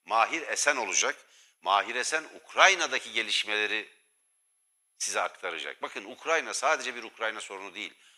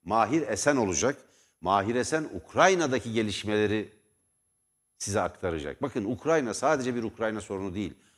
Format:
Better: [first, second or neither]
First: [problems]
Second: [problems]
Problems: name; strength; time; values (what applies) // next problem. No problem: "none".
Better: second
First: thin; very; fading below 800 Hz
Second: none